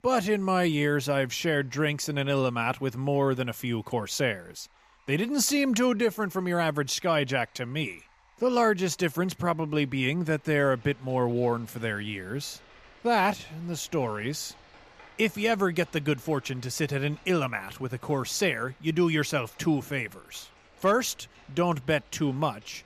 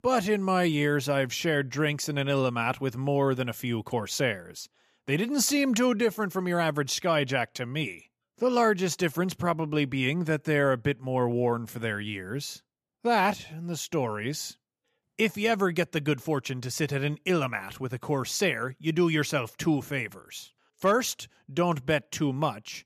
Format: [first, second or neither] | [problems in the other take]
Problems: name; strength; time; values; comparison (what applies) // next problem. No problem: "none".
second | rain or running water; faint; throughout; 30 dB below the speech